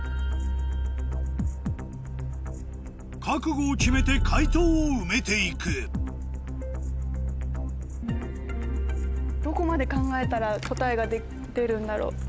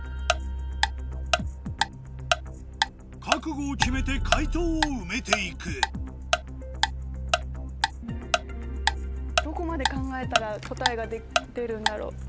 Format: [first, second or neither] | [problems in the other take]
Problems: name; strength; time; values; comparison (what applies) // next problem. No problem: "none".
first | background sound (Tick-tock); as loud as the speech